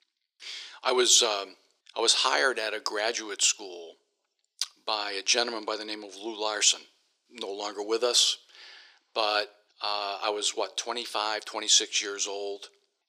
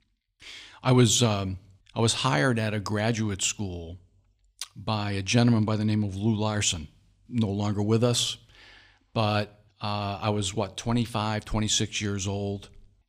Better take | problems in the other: second | thin; very; fading below 350 Hz

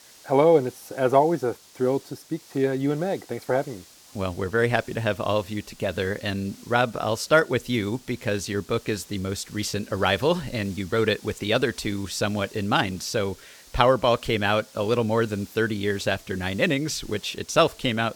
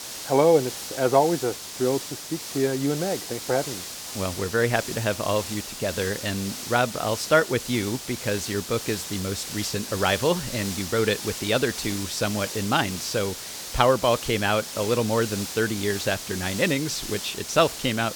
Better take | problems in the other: first | hiss; loud; throughout; 8 dB below the speech; faint in the first

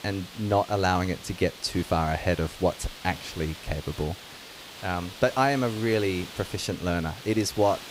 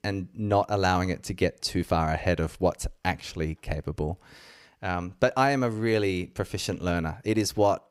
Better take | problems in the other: second | hiss; noticeable; throughout; 15 dB below the speech

